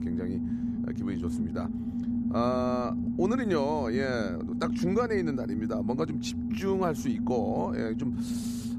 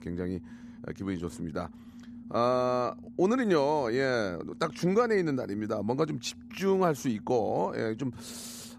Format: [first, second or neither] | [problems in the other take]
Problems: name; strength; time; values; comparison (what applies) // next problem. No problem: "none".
second | low rumble; loud; throughout; 6 dB below the speech; faint in the second